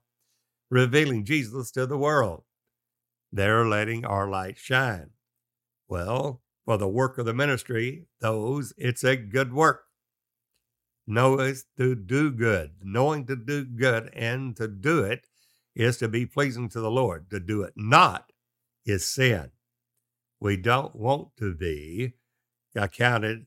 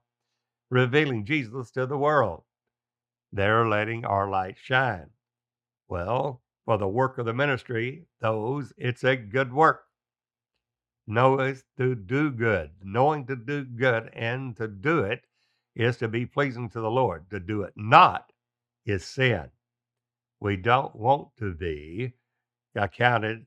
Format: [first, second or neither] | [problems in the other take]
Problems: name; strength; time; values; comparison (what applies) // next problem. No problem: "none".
first | muffled; slightly; fading above 3 kHz